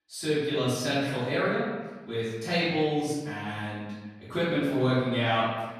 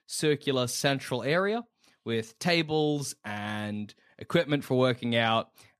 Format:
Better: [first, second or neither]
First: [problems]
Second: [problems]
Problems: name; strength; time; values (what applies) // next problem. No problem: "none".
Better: second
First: room echo; strong; dies away in 1.2 s // off-mic speech; far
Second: none